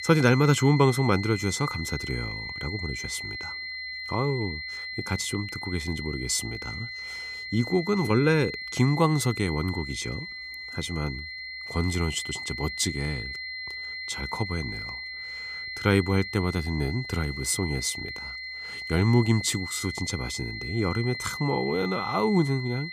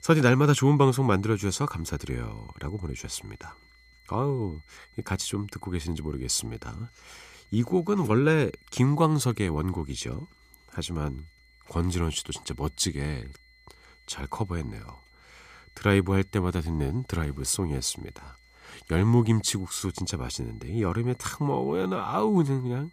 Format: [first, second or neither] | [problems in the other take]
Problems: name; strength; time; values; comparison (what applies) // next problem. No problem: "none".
second | high-pitched whine; loud; throughout; 2 kHz, 7 dB below the speech; faint in the second